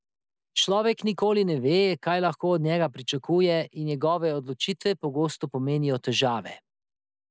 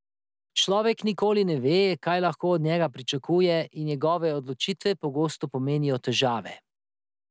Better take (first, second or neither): second